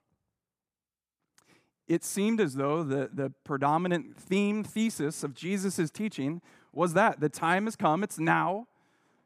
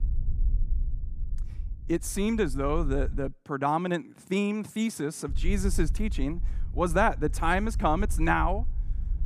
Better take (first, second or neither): first